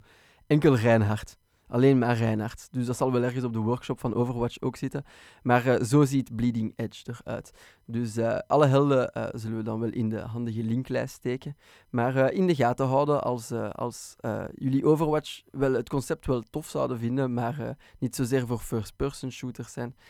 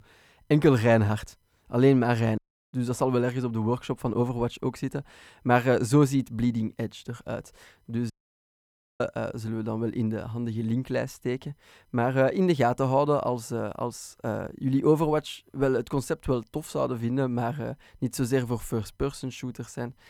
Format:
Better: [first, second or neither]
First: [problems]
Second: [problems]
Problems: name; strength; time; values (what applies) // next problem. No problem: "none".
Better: first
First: none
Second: audio cutting out; at 2.5 s and at 8 s for 1 s